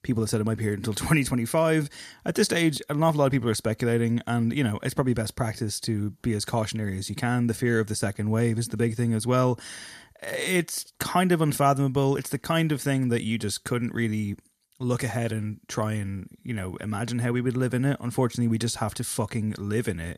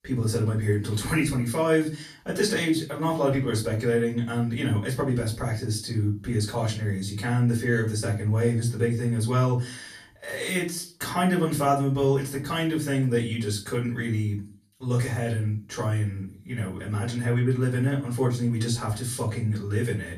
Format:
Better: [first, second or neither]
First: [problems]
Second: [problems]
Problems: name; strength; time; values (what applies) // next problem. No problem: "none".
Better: first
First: none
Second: room echo; slight; dies away in 0.3 s // off-mic speech; far